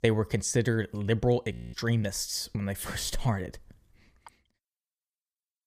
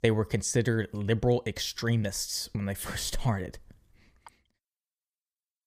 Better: second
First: audio freezing; at 1.5 s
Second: none

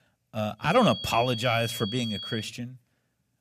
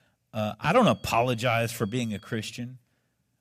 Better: second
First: high-pitched whine; loud; from 0.5 to 2.5 s; 3.5 kHz, 8 dB below the speech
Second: high-pitched whine; faint; from 0.5 to 2.5 s; 3.5 kHz, 30 dB below the speech

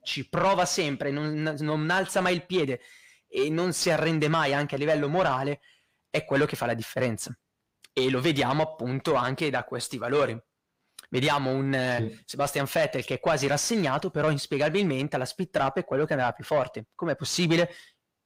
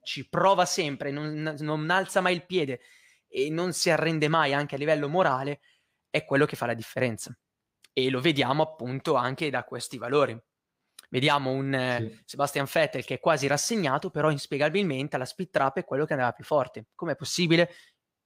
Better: second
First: distortion; slight; 10 dB below the speech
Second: none

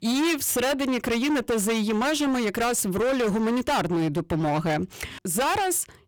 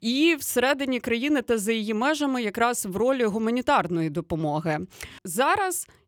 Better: second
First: distortion; heavy; 29% of the sound clipped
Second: none

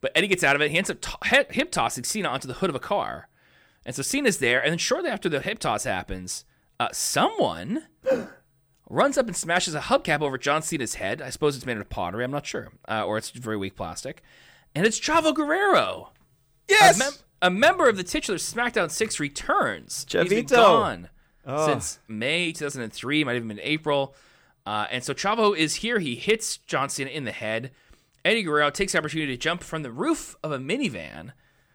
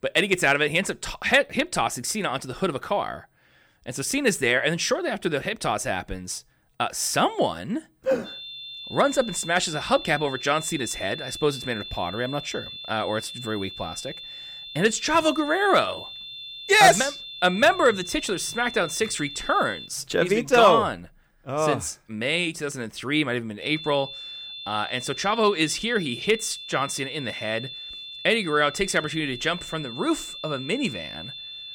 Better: first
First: none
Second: high-pitched whine; noticeable; from 8.5 to 20 s and from 24 s on; 3.5 kHz, 10 dB below the speech

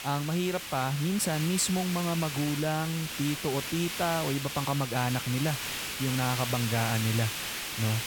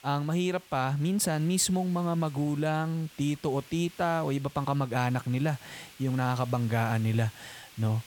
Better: second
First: hiss; loud; throughout; 4 dB below the speech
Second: hiss; faint; throughout; 20 dB below the speech

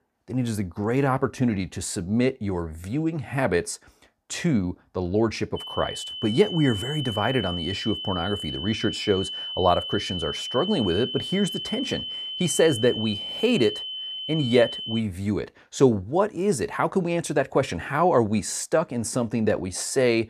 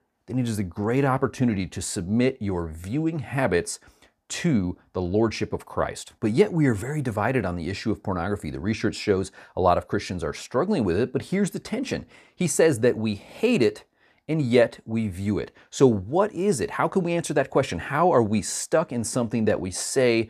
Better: second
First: high-pitched whine; loud; from 5.5 to 15 s; 3 kHz, 6 dB below the speech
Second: none

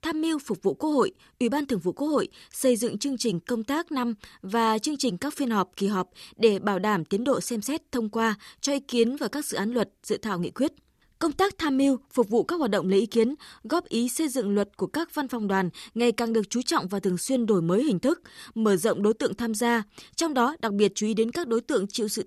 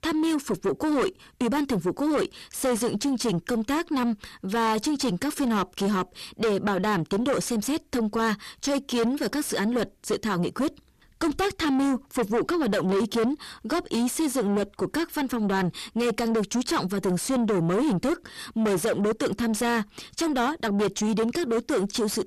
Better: first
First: none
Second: distortion; heavy; 6 dB below the speech

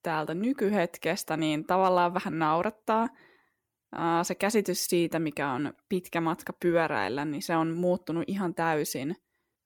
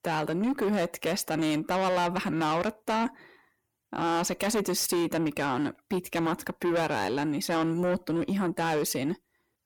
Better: first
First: none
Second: distortion; heavy; 7 dB below the speech

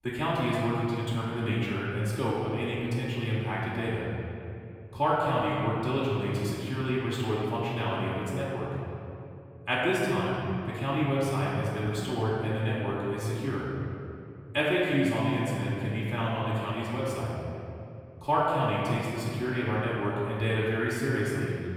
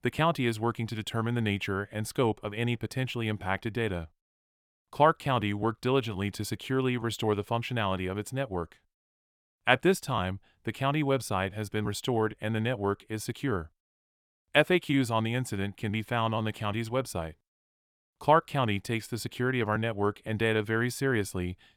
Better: second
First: off-mic speech; far // room echo; strong; dies away in 2.6 s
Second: none

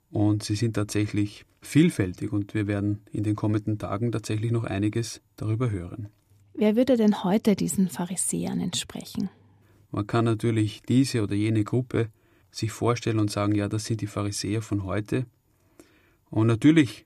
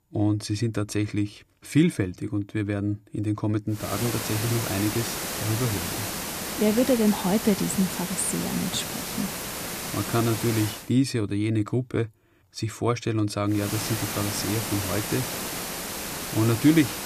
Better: first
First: none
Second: hiss; loud; from 4 to 11 s and from 14 s on; 4 dB below the speech

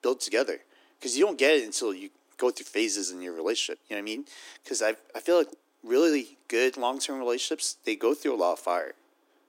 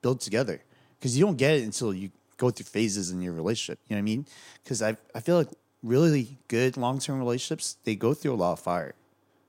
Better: second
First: thin; somewhat; fading below 300 Hz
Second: none

